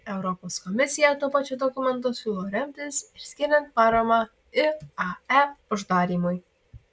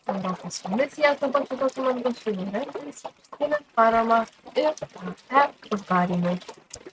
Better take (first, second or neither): first